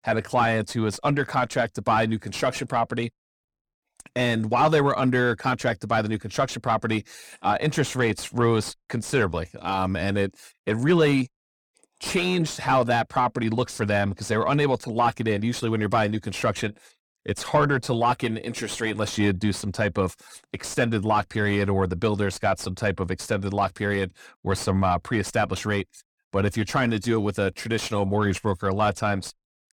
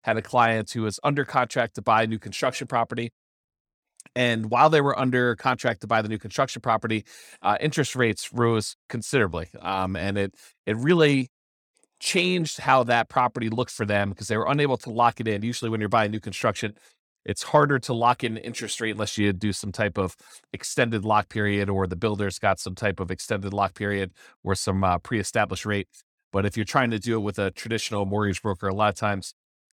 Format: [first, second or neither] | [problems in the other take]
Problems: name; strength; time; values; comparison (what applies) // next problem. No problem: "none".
second | distortion; slight; 10 dB below the speech